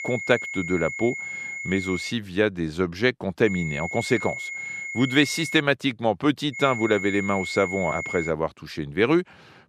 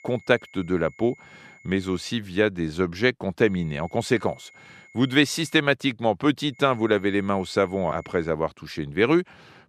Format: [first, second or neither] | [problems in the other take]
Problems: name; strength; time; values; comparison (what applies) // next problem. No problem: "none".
second | high-pitched whine; loud; until 2 s, from 3.5 to 5.5 s and from 6.5 to 8.5 s; 2 kHz, 7 dB below the speech; faint in the second